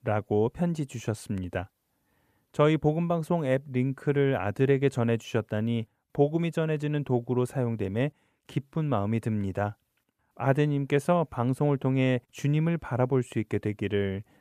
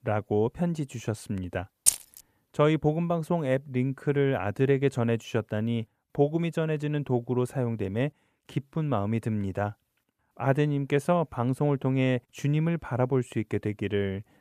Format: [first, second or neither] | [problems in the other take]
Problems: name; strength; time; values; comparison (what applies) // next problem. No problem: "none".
first | jangling keys; loud; at 2 s; peak 5 dB above the speech